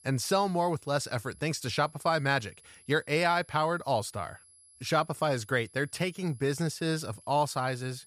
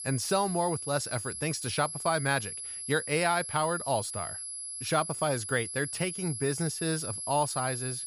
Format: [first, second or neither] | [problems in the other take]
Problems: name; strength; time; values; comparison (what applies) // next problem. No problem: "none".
first | high-pitched whine; loud; throughout; 11 kHz, 5 dB below the speech; faint in the first